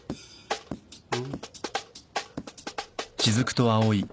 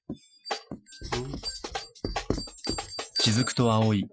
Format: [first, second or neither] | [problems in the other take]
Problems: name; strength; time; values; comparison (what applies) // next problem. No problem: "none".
first | noise reduction (classical method Wiener filter)